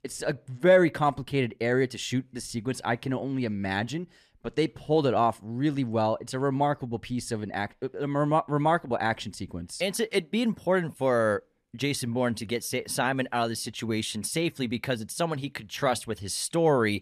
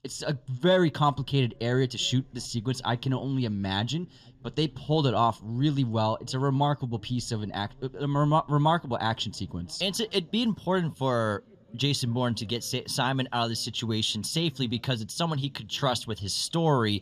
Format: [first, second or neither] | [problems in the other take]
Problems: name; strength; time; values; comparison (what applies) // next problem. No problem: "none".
first | room echo; slight; dies away in 3 s